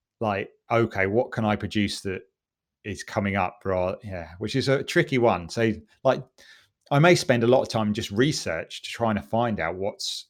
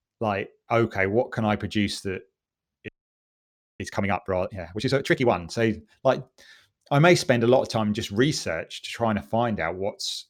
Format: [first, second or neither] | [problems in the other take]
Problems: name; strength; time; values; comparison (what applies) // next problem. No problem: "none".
first | audio freezing; at 3 s for 1 s